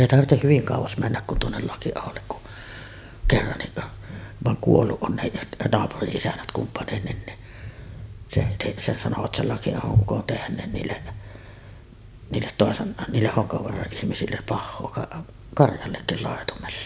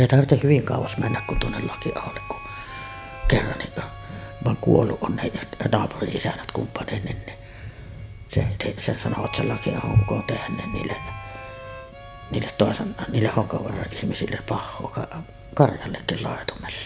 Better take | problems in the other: first | background sound (Harmonica); 17 dB below the speech

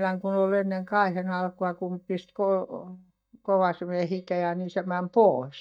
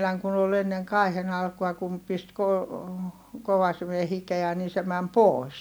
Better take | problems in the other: second | noise reduction (neural mask model DeepFilterNet 3)

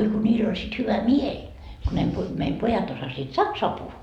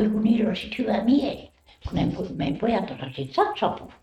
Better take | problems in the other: first | noise reduction (neural mask model RNNoise)

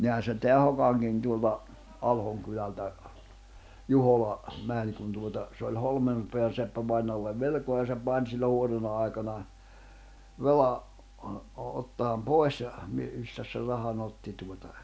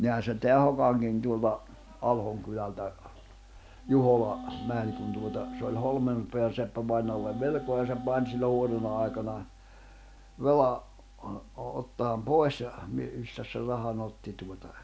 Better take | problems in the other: first | background sound (Wind instrument, woodwind instrument); 11 dB below the speech

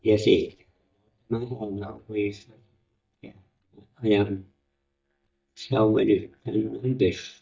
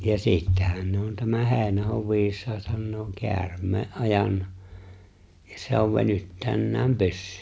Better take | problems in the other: second | noise reduction (neural mask model DeepFilterNet 3)

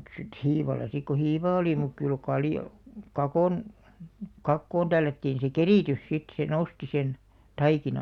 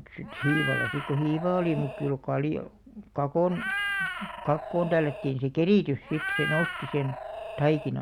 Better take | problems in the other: first | background sound (Meow); 6 dB below the speech

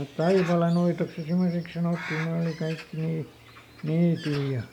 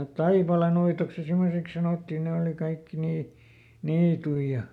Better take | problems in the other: second | background sound (Bird + Bird); 16 dB below the speech

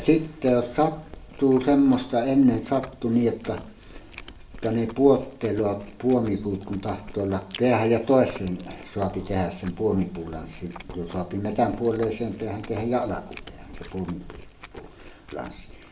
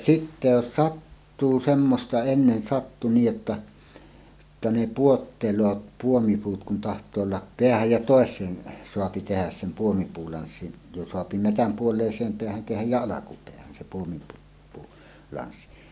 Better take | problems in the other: second | background sound (Chewing, mastication); 18 dB below the speech // room echo; dies away in 0.5 s

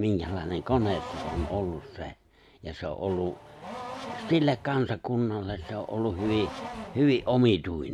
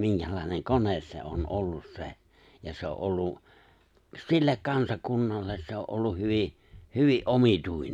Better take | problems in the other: second | background sound (Race car, auto racing / Accelerating, revving, vroom); 14 dB below the speech

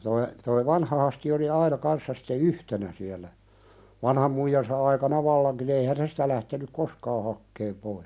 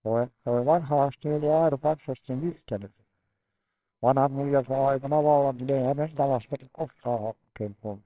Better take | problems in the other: first | noise reduction (neural separator model SepFormer WHAMR!)

